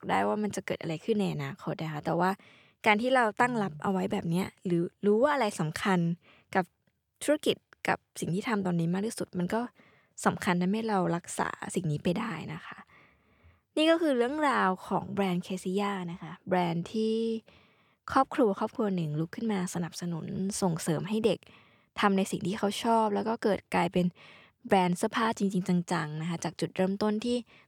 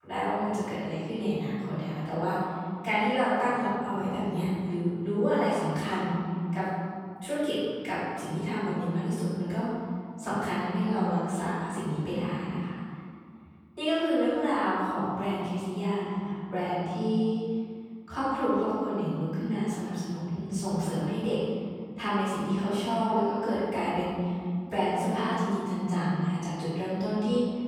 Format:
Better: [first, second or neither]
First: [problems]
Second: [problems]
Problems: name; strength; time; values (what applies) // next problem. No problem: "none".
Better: first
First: none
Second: off-mic speech; far // room echo; strong; dies away in 2.1 s